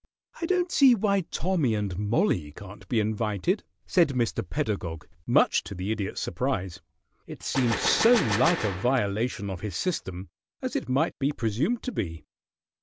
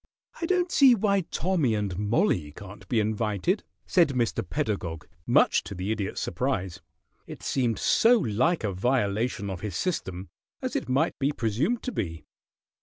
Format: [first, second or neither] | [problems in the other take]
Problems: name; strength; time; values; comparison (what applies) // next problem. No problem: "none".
second | background sound (Gunshot, gunfire); 5 dB below the speech